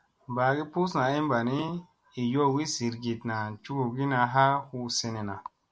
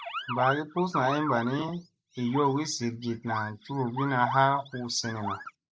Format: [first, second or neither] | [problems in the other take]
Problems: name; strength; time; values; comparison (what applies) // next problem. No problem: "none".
first | noise reduction (neural mask model Resemble Enhance denoiser)